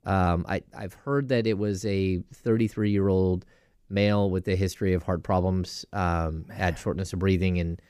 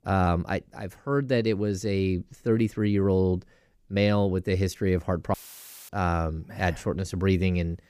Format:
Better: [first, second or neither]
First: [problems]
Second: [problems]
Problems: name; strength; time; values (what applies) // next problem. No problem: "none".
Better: first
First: none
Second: audio cutting out; filled with static; at 5.5 s for 0.5 s